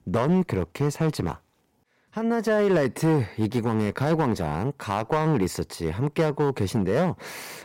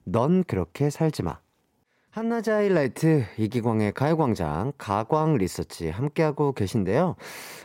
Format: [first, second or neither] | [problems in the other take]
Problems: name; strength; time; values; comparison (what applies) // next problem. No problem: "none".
second | distortion; slight; 5% of the sound clipped